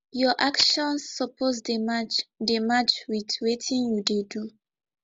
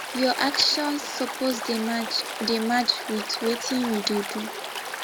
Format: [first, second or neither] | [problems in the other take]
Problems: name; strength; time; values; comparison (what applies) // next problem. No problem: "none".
first | background sound (Stream); 7 dB below the speech